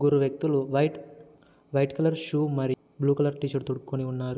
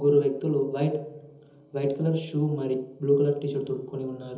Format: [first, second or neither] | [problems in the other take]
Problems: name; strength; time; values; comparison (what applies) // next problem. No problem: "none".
first | room echo; dies away in 1.2 s